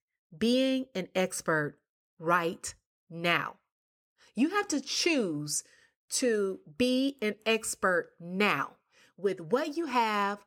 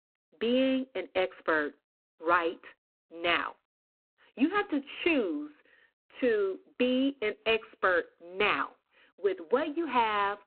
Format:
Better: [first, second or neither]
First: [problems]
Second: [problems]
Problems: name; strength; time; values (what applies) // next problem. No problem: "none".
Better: first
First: none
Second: phone-call audio; poor line